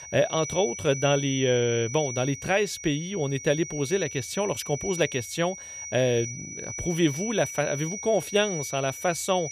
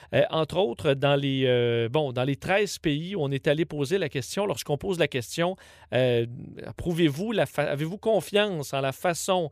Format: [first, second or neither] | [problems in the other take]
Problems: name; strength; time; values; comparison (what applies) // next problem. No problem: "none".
second | high-pitched whine; loud; throughout; 6 kHz, 8 dB below the speech